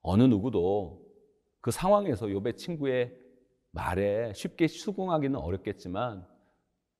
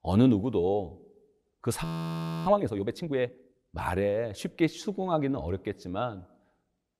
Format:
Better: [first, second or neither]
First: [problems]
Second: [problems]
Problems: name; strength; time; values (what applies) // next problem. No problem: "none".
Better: first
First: none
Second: audio freezing; at 2 s for 0.5 s